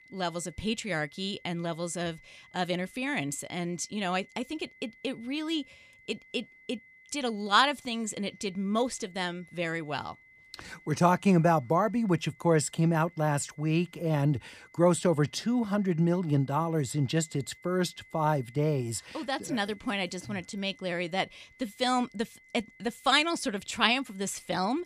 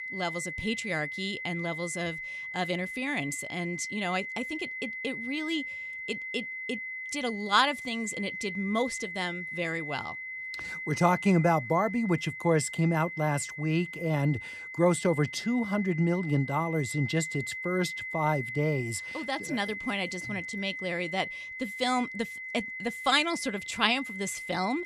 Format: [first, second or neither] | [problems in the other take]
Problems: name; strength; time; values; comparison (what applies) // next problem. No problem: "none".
first | high-pitched whine; loud; throughout; 2 kHz, 6 dB below the speech; faint in the first